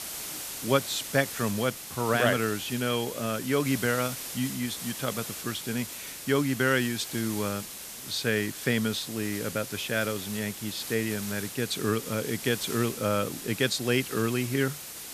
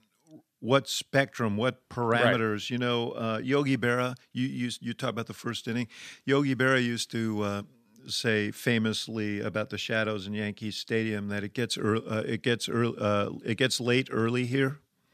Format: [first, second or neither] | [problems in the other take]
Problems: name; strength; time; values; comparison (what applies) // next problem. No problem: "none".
second | hiss; loud; throughout; 7 dB below the speech